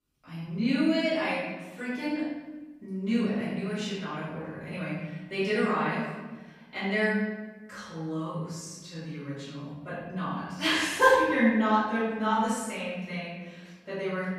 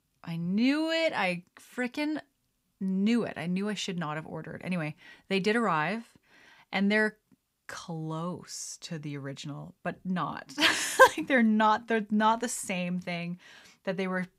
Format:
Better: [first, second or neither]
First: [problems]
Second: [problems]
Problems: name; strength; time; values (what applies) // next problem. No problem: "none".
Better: second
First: off-mic speech; far // room echo; strong; dies away in 1.2 s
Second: none